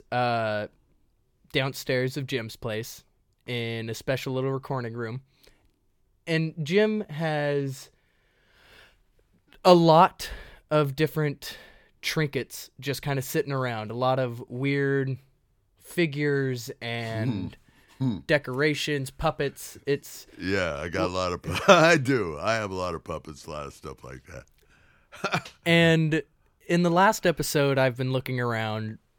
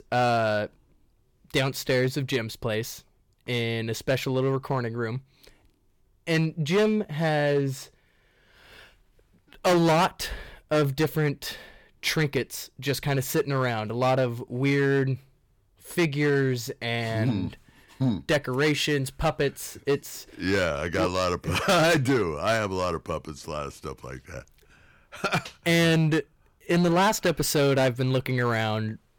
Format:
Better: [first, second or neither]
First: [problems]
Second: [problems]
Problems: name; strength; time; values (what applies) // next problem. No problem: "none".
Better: first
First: none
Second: distortion; heavy; 6% of the sound clipped